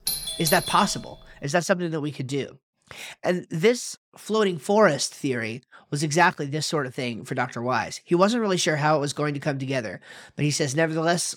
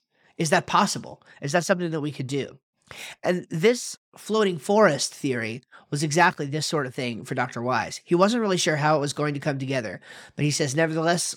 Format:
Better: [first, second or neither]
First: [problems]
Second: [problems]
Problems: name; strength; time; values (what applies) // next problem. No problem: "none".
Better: second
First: doorbell; noticeable; at the start; peak 2 dB below the speech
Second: none